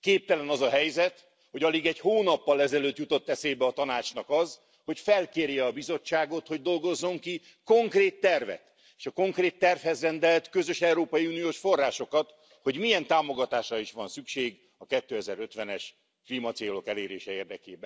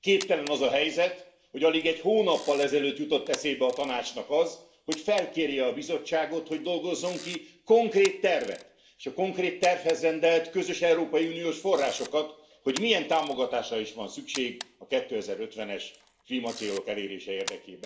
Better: first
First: none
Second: background sound (Camera); 19 dB below the speech // room echo; dies away in 0.5 s

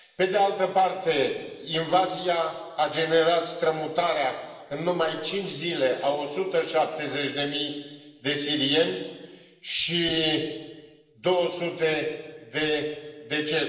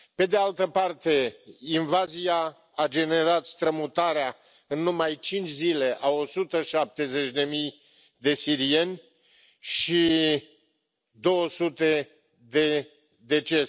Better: second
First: room echo; dies away in 1.4 s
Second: none

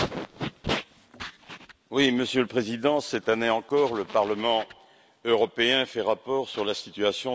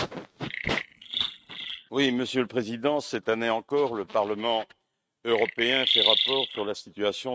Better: first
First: none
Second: noise reduction (neural mask model RNNoise)

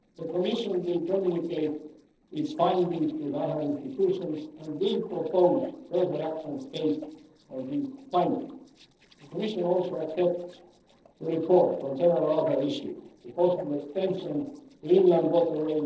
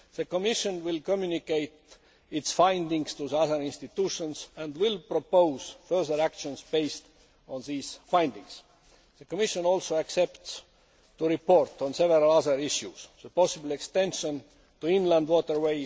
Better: second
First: noise reduction (neural separator model SepFormer DNS4)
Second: none

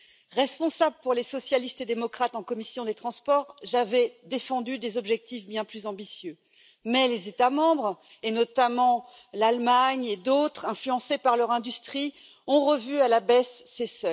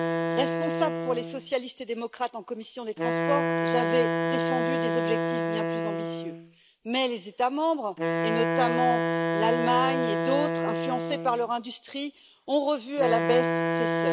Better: first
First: none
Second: background sound (Wind instrument, woodwind instrument); 1 dB above the speech

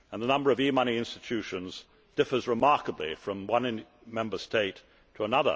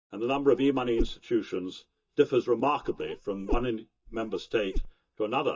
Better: first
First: none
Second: noise reduction (neural mask model DeepFilterNet 3)

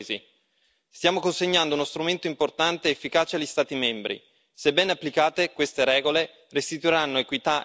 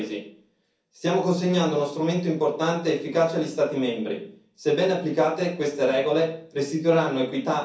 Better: first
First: none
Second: room echo; dies away in 0.6 s

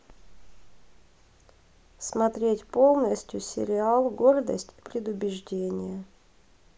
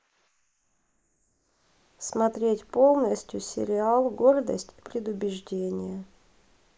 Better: first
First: none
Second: noise reduction (neural mask model Resemble Enhance denoiser)

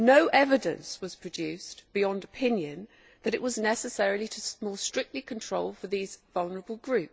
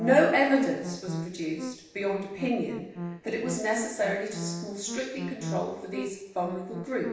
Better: first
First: none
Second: background sound (Musical instrument); 9 dB below the speech // room echo; dies away in 0.9 s

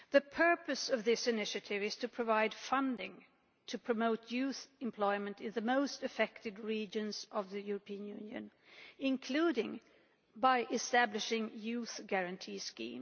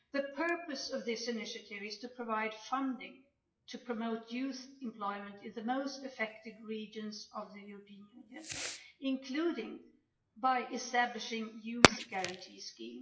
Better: first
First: none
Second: noise reduction (classical method WPE with log-MMSE)

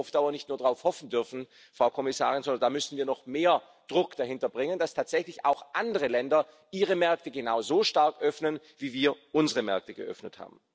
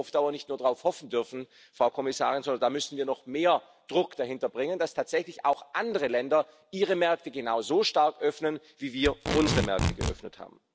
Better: first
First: none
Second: background sound (Packing tape, duct tape); 2 dB below the speech

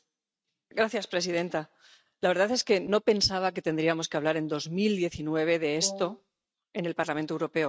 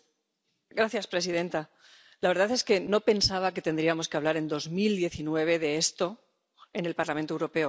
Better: second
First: noise reduction (neural mask model RNNoise)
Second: none

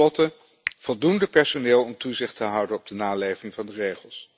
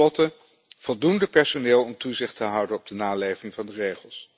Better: second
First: background sound (Finger snapping); 17 dB below the speech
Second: none

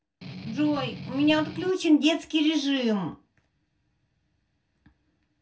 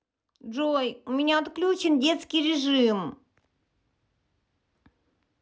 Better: second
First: background sound (Strum); 10 dB below the speech // room echo; dies away in 0.2 s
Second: none

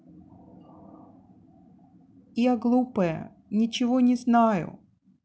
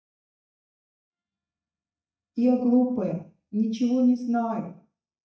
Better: first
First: none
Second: noise reduction (neural mask model DeepFilterNet 3)

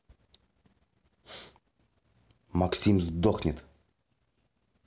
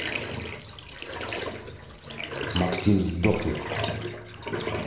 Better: first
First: none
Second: background sound (Bathtub (filling or washing)); 3 dB below the speech // room echo; dies away in 1.1 s

